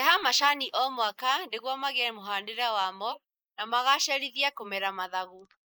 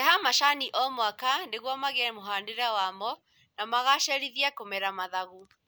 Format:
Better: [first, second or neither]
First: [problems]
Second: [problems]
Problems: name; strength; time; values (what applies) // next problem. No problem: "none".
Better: second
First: noise reduction (neural mask model Resemble Enhance denoiser)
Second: none